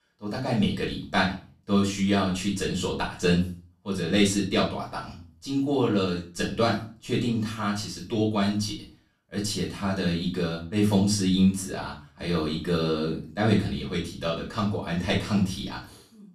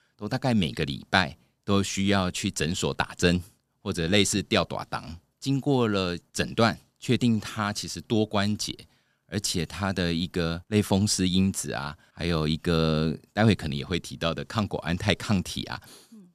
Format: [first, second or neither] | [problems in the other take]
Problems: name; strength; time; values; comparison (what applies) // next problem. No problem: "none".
second | off-mic speech; far // room echo; slight; dies away in 0.3 s